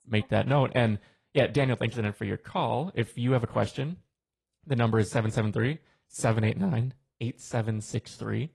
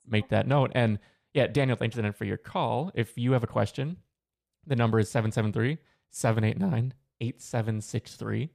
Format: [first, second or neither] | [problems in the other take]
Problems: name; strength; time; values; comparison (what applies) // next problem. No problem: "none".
second | garbled, watery; slightly